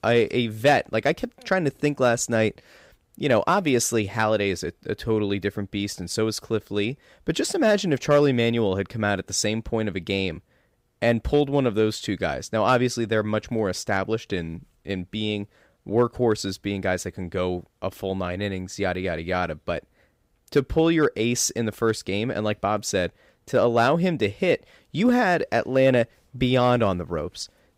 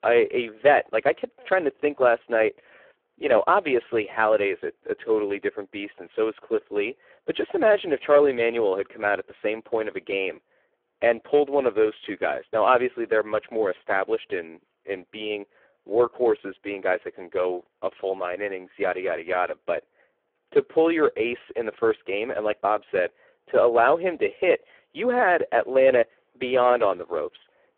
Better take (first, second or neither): first